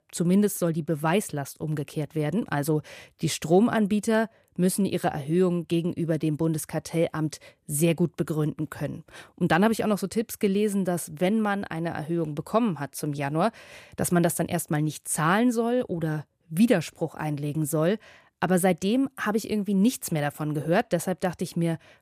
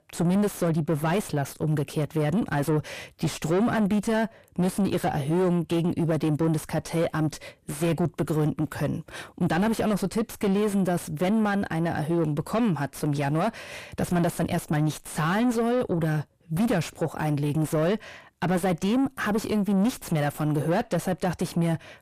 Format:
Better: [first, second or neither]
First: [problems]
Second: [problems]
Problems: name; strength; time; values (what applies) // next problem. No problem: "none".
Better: first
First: none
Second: distortion; heavy; 6 dB below the speech